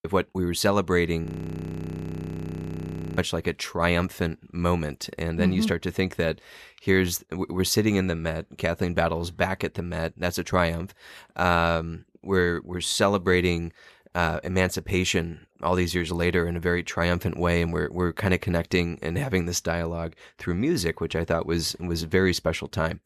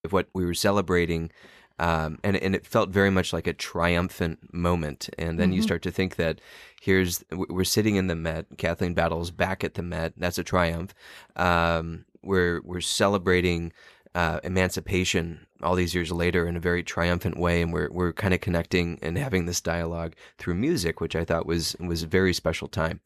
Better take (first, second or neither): second